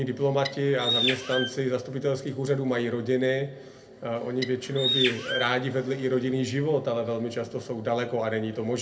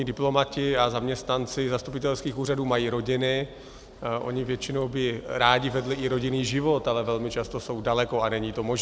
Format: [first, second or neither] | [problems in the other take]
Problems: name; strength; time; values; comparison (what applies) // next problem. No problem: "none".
second | background sound (Bird); 3 dB below the speech // room echo; dies away in 0.3 s